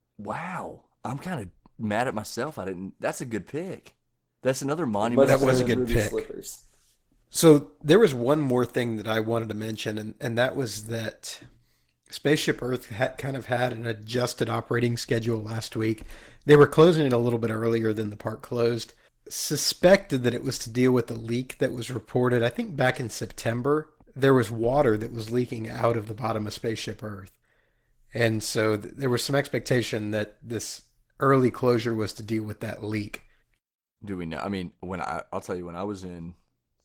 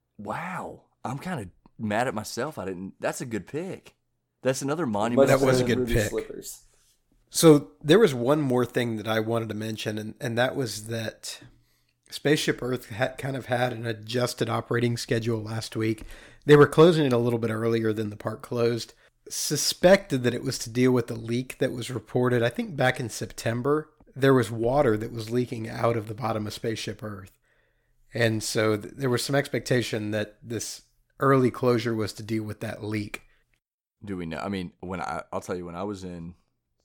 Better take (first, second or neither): second